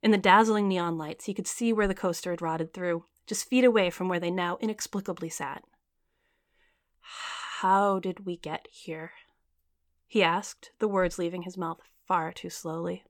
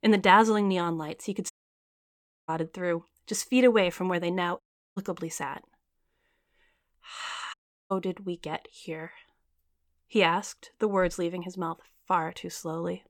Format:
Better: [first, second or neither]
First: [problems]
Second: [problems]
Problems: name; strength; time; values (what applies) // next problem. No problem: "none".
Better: first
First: none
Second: audio cutting out; at 1.5 s for 1 s, at 4.5 s and at 7.5 s